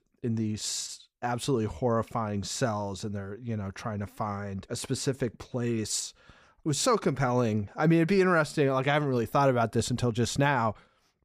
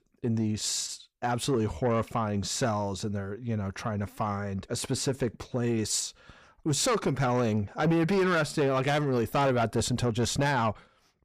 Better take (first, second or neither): first